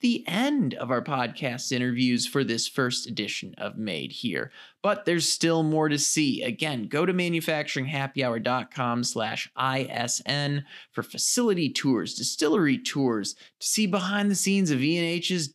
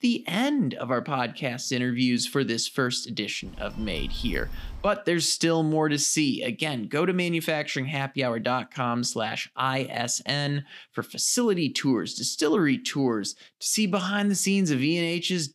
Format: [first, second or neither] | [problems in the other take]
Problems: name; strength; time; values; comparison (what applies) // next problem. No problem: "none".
first | phone ringing; faint; from 3.5 to 5 s; peak 10 dB below the speech